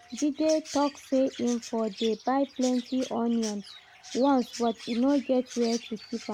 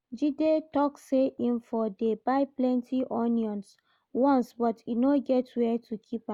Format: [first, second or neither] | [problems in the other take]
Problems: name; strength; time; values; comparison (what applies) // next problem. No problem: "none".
second | background sound (Chirp, tweet); 16 dB below the speech